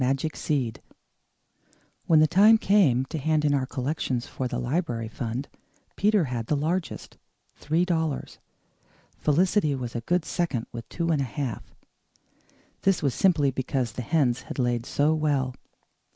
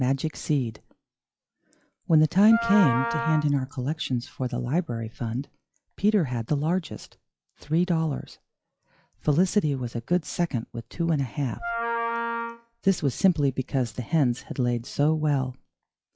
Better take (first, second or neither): first